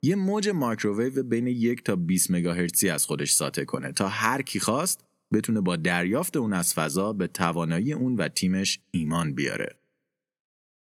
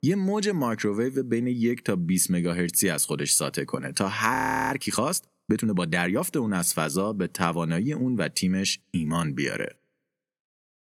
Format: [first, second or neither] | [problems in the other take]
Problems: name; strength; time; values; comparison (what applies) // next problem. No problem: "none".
first | audio freezing; at 4.5 s